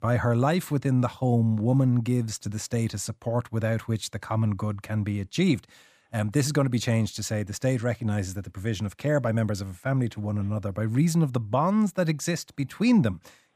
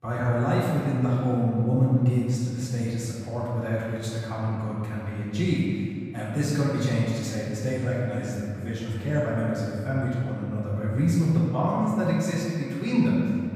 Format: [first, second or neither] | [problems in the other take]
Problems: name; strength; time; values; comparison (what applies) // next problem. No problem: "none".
first | off-mic speech; far // room echo; strong; dies away in 2.2 s